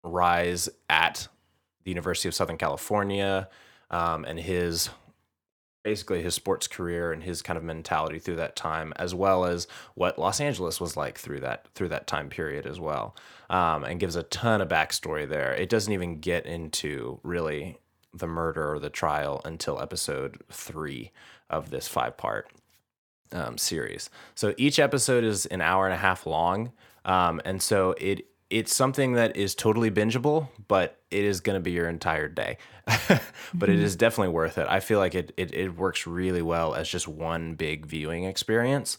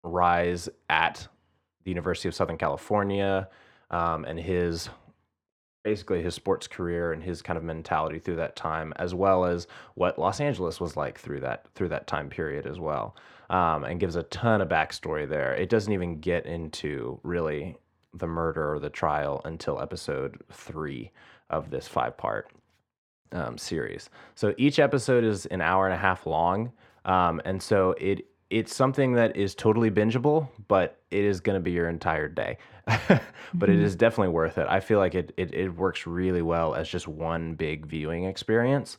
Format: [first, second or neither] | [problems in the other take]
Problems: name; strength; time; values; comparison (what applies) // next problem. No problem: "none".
first | muffled; slightly; fading above 1.5 kHz